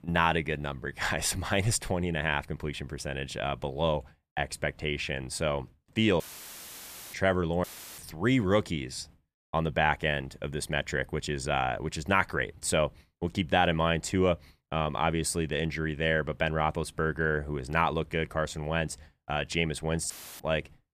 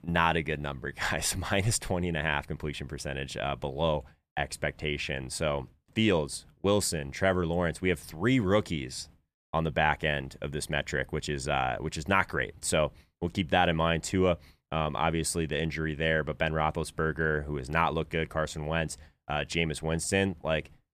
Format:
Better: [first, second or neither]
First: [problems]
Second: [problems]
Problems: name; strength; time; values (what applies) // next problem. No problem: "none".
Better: second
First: audio cutting out; filled with static; at 6 s for 1 s, at 7.5 s and at 20 s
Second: none